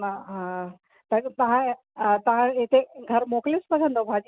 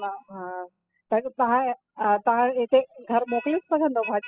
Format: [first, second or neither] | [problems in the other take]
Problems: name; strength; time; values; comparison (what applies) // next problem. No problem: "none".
first | noise reduction (classical method spectral subtraction)